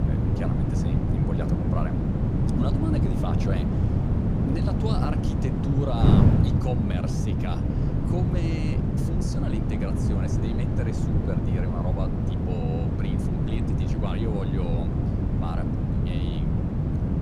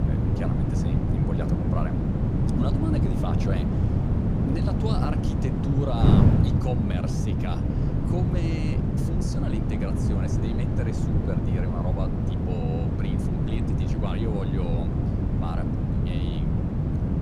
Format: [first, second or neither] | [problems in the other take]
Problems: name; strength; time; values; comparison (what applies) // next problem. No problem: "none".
neither | wind noise on the microphone; heavy; 3 dB above the speech; the same in both